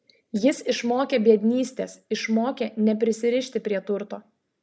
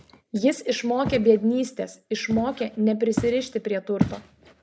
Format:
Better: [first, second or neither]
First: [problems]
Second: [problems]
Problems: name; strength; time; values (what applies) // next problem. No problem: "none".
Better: first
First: none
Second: background sound (Walk, footsteps); 10 dB below the speech